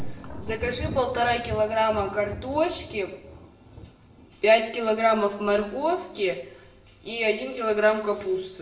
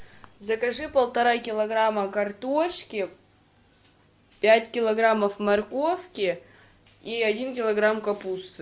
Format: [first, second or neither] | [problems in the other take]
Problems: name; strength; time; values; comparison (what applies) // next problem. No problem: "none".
second | background sound (Thunder); 15 dB below the speech // room echo; dies away in 0.7 s